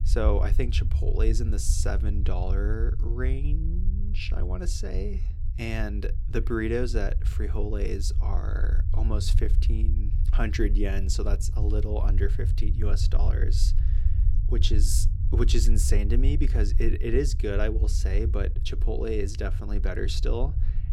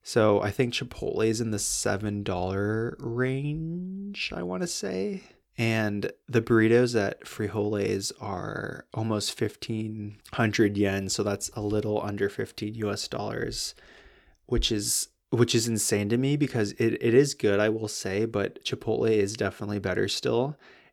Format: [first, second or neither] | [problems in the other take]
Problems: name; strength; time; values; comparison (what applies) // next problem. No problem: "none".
second | low rumble; noticeable; throughout; 10 dB below the speech